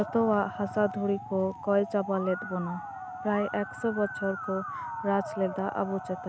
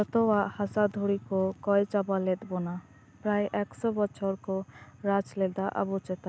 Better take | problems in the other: second | background sound (Musical instrument); 10 dB below the speech

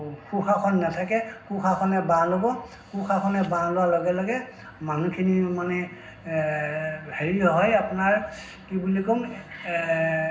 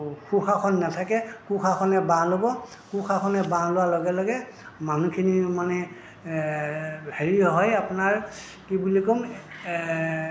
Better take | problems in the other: second | room echo; dies away in 0.4 s

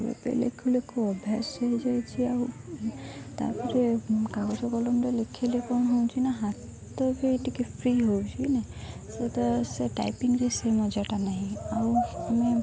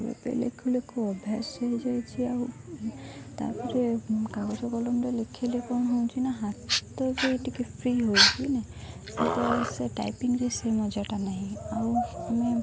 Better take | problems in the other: first | background sound (Dog); as loud as the speech

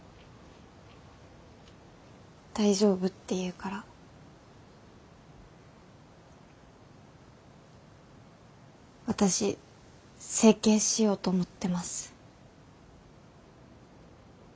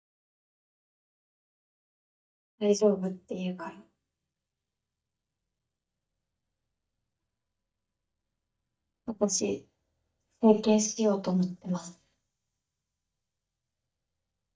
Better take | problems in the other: first | noise reduction (neural mask model DeepFilterNet 3)

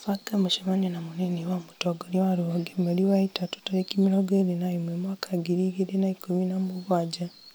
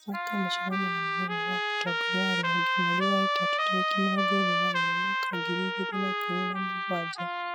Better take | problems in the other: first | noise reduction (classical method spectral subtraction)

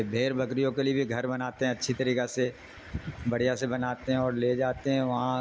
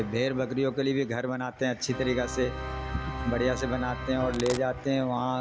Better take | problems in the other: first | background sound (Domestic sounds, home sounds + Organ); 9 dB below the speech

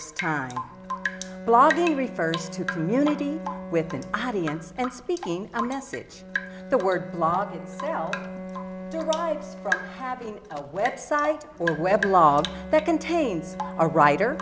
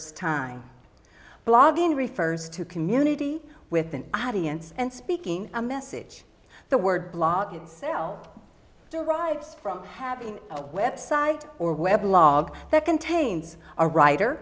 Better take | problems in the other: second | background sound (Drip / Rain + Bowed string instrument); 9 dB below the speech

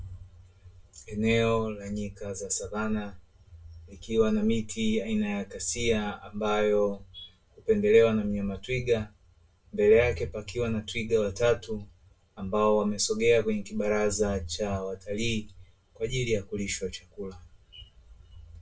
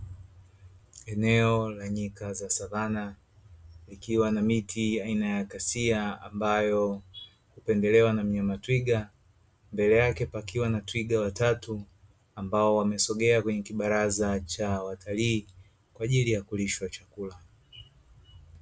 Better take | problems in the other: second | room echo; dies away in 0.1 s

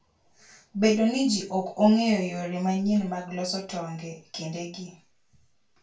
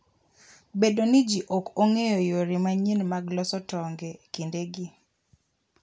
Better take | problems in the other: second | room echo; dies away in 0.2 s

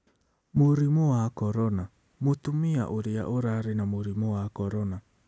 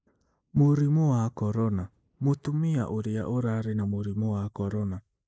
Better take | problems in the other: first | noise reduction (neural mask model Resemble Enhance denoiser)

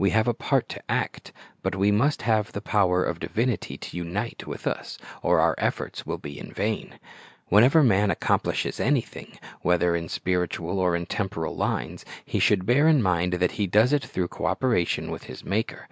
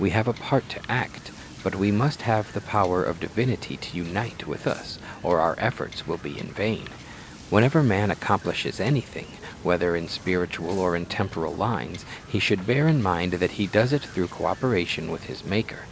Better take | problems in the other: first | background sound (Wind / Boat, Water vehicle); 17 dB below the speech

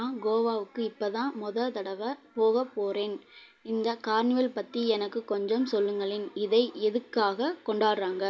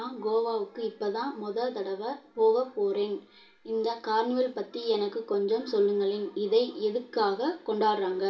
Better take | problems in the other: first | room echo; dies away in 0.3 s

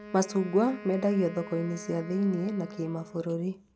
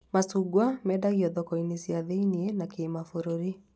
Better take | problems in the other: second | background sound (Wind instrument, woodwind instrument); 16 dB below the speech

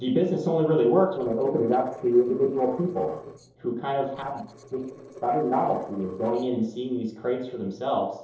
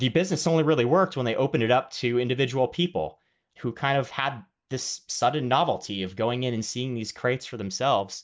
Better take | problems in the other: second | noise reduction (neural separator model SepFormer DNS4)

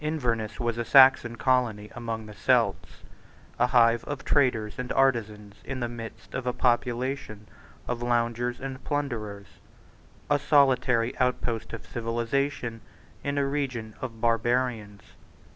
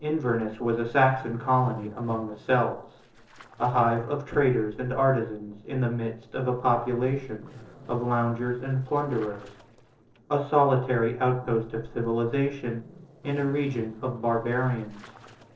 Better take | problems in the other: first | noise reduction (neural separator model SepFormer DNS4)

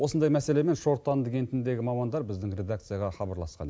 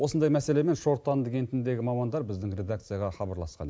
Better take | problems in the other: first | noise reduction (neural mask model Resemble Enhance denoiser)

